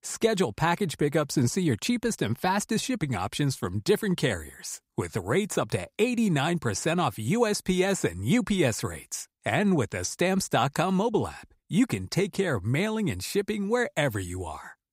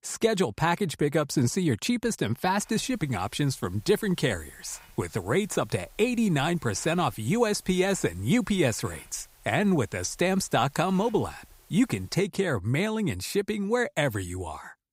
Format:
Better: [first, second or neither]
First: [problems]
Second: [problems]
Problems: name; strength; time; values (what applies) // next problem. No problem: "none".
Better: first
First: none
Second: hiss; faint; from 2.5 to 12 s; 25 dB below the speech